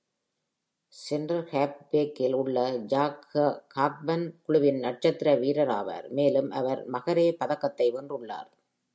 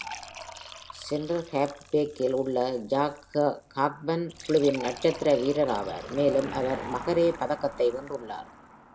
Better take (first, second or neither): first